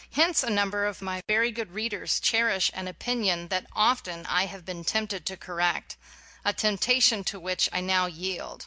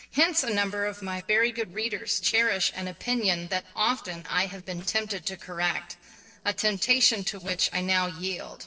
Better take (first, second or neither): first